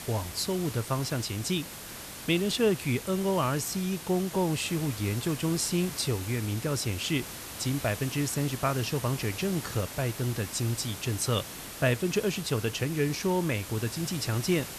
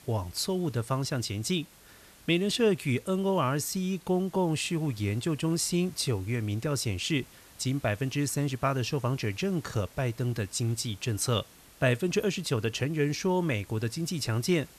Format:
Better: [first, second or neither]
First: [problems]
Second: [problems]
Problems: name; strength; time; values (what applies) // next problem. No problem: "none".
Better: second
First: hiss; loud; throughout; 9 dB below the speech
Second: hiss; faint; throughout; 25 dB below the speech